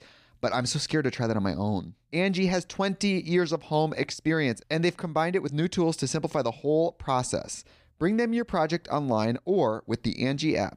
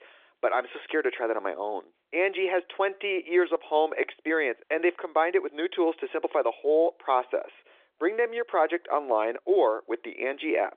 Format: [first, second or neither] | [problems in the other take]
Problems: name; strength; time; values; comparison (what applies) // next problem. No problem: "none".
first | phone-call audio; nothing above 3.5 kHz